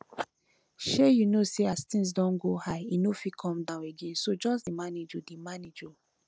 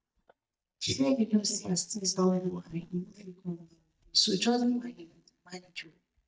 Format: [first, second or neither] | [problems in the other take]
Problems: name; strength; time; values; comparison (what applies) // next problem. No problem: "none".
first | noise reduction (neural mask model DeepFilterNet 3)